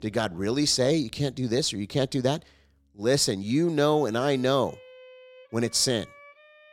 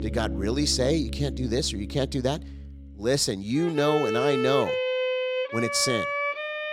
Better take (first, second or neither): first